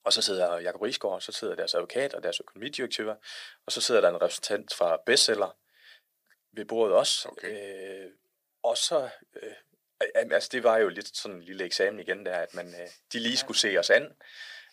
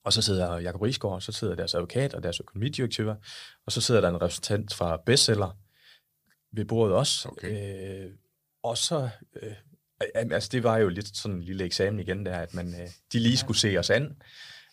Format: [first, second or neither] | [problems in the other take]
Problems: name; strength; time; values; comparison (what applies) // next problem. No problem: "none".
second | thin; very; fading below 300 Hz